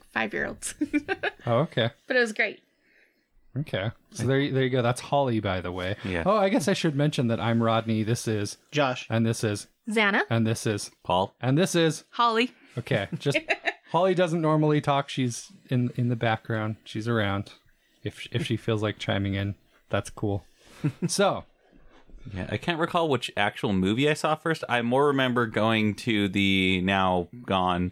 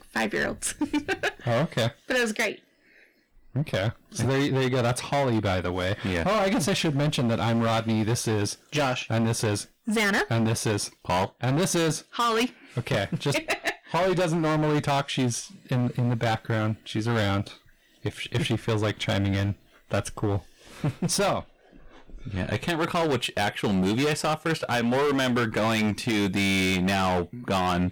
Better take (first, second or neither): first